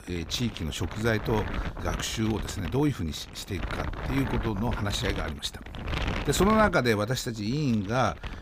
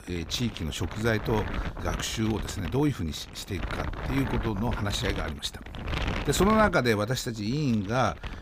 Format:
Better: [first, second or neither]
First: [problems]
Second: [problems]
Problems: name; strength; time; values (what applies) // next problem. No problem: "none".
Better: neither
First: wind noise on the microphone; heavy; 8 dB below the speech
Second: wind noise on the microphone; heavy; 8 dB below the speech